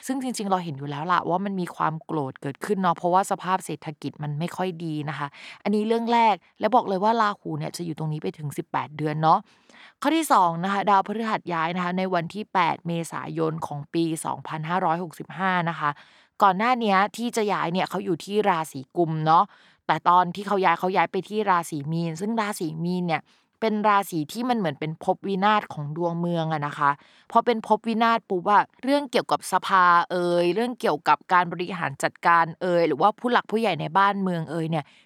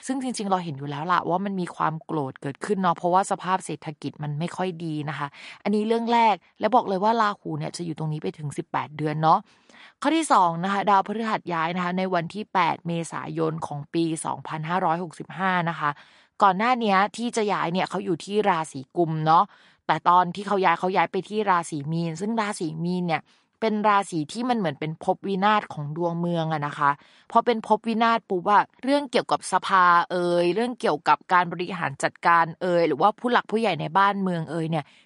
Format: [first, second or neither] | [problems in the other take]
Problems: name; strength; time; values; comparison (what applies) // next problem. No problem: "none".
first | garbled, watery; slightly; nothing above 10.5 kHz